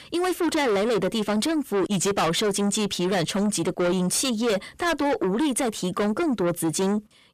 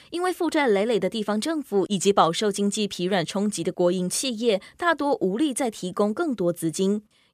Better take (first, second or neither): second